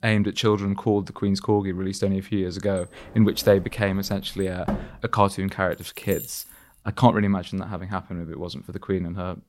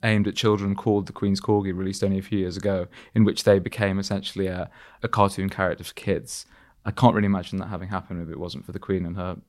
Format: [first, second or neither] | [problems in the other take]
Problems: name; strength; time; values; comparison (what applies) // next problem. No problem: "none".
second | door banging; noticeable; from 3 to 5 s; peak 6 dB below the speech // jangling keys; faint; at 5.5 s; peak 10 dB below the speech